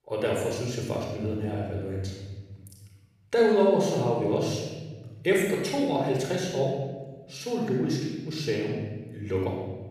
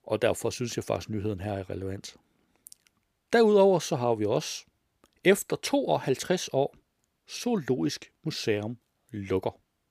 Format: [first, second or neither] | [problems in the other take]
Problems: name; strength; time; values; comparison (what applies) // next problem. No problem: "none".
second | off-mic speech; far // room echo; noticeable; dies away in 1.6 s